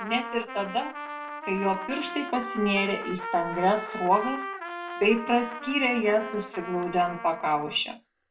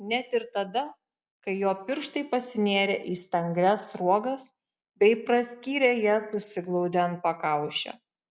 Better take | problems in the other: second | background sound (Trumpet); 9 dB below the speech // room echo; dies away in 0.2 s

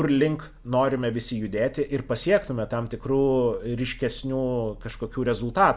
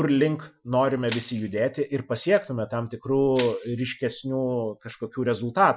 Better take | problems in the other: first | noise reduction (classical method Wiener filter)

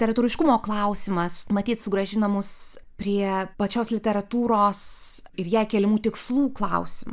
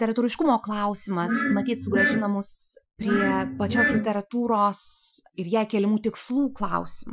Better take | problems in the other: first | noise reduction (classical method Wiener filter)

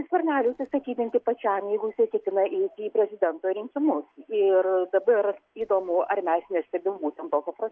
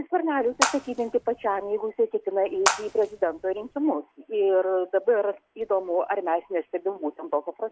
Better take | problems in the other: first | background sound (Water / Splash, splatter); 5 dB below the speech

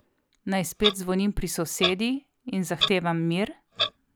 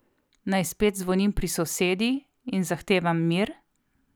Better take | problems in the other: second | background sound (Clock); 5 dB below the speech

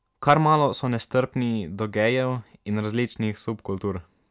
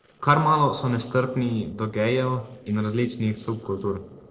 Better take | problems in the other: first | noise reduction (neural separator model SepFormer DNS4)

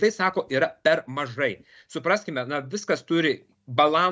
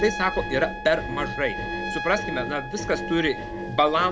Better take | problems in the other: first | background sound (Engine + Trumpet); 6 dB below the speech

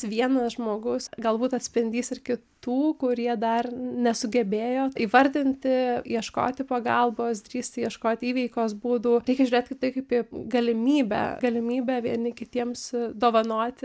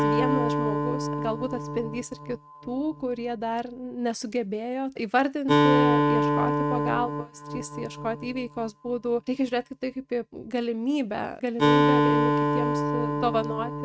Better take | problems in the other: first | noise reduction (neural mask model RNNoise)

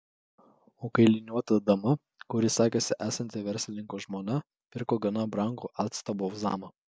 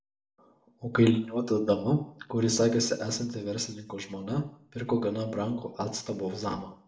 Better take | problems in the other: first | room echo; dies away in 0.4 s

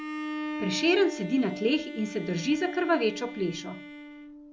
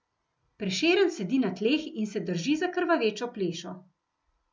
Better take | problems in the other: second | background sound (Bowed string instrument); 9 dB below the speech

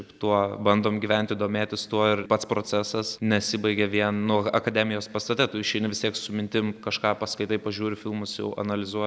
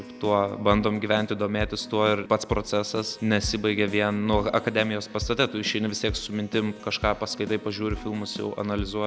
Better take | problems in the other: first | background sound (Keyboard (musical)); 12 dB below the speech

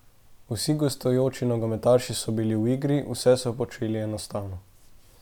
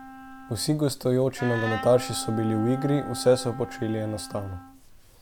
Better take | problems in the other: first | background sound (Wind instrument, woodwind instrument); 12 dB below the speech

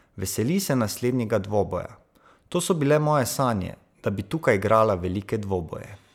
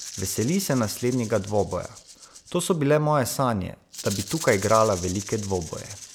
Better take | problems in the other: first | background sound (Rattle (instrument)); 14 dB below the speech

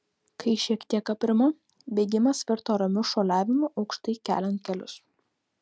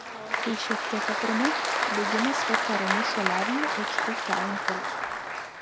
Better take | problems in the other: first | background sound (Applause); 4 dB above the speech

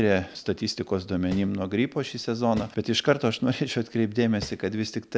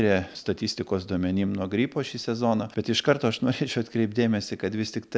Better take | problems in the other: second | background sound (Tap); 16 dB below the speech

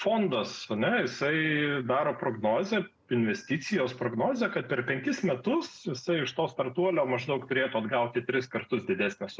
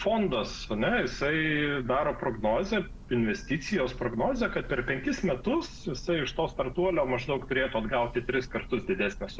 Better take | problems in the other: first | background sound (Church bell); 14 dB below the speech

